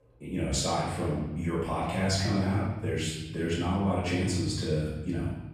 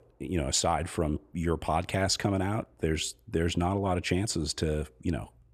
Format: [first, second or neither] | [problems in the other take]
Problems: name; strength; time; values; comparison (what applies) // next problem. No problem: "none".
second | off-mic speech; far // room echo; noticeable; dies away in 1.1 s